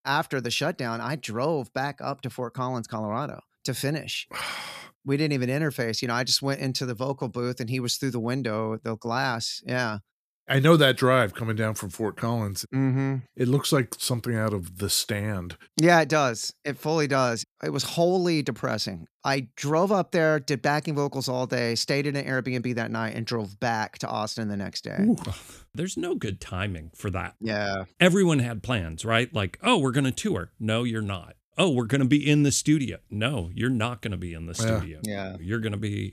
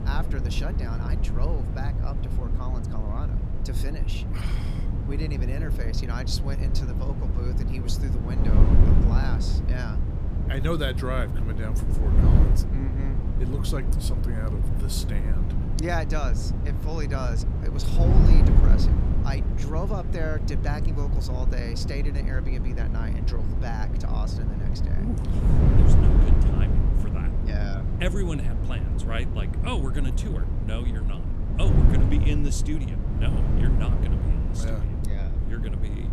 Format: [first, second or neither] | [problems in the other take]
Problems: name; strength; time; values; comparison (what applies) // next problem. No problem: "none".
first | wind noise on the microphone; heavy; 1 dB below the speech